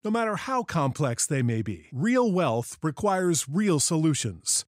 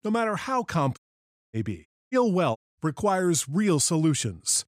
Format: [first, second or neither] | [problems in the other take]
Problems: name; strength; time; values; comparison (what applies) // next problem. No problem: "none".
first | audio cutting out; at 1 s for 0.5 s, at 2 s and at 2.5 s